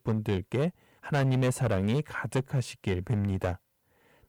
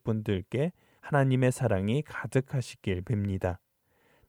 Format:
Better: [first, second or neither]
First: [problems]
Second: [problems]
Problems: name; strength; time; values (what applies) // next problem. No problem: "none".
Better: second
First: distortion; slight; 8% of the sound clipped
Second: none